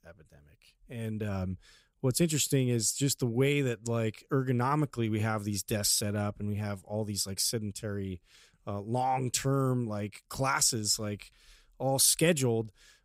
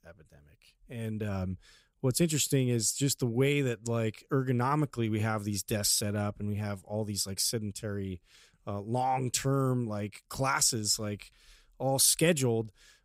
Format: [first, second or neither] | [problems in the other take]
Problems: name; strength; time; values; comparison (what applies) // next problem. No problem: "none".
neither | none